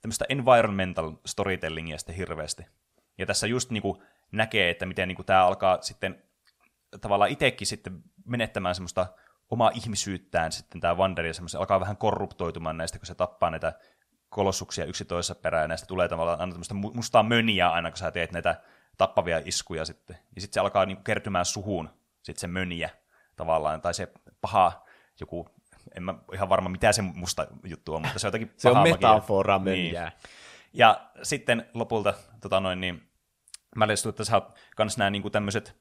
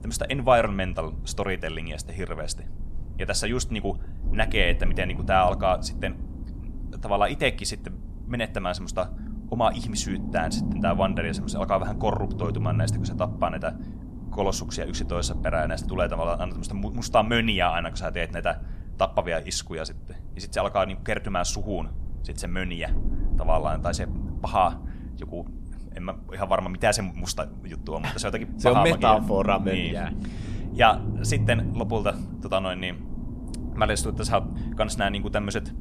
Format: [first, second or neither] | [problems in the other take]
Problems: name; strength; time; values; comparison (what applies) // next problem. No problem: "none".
first | low rumble; noticeable; throughout; 15 dB below the speech